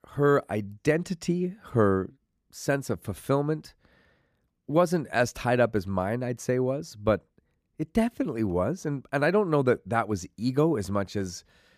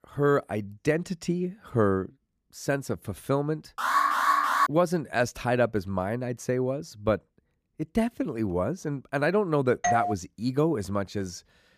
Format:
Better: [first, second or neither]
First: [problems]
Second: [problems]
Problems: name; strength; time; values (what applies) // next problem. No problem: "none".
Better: first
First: none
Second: alarm; loud; at 4 s; peak 6 dB above the speech // doorbell; loud; at 10 s; peak 2 dB above the speech